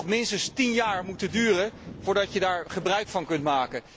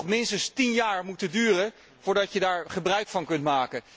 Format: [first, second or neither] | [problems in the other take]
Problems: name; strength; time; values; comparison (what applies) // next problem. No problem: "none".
second | background sound (Boat, Water vehicle + Thunder); 17 dB below the speech